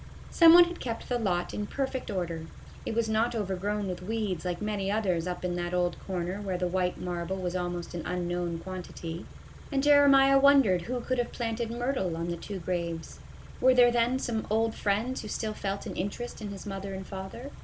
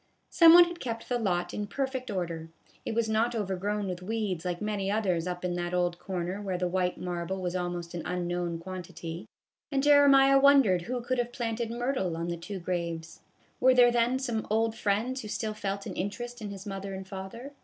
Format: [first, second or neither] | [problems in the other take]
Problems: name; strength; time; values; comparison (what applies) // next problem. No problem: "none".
second | background sound (Idling / Car); 15 dB below the speech